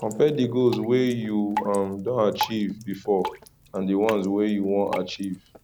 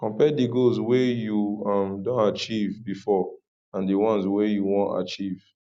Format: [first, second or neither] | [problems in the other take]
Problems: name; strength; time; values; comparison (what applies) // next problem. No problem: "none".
second | background sound (Drip); 13 dB below the speech